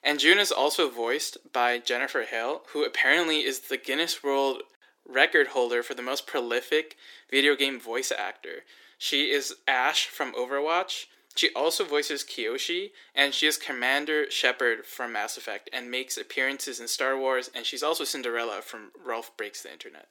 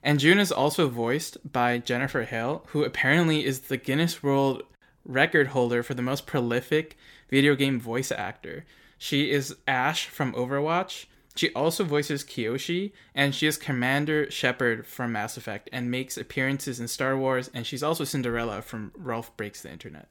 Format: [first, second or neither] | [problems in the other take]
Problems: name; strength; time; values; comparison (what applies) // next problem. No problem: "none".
second | thin; somewhat; fading below 350 Hz